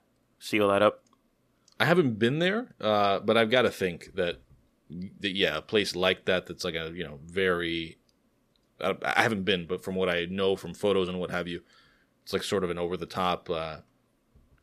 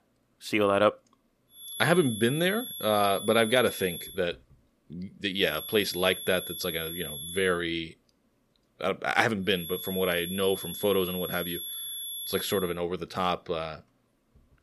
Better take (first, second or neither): first